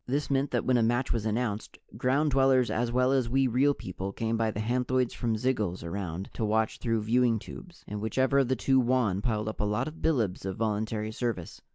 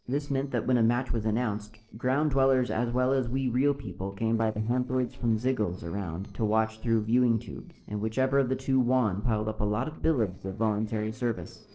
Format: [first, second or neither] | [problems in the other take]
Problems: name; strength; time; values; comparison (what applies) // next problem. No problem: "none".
first | noise reduction (neural separator model SepFormer DNS4)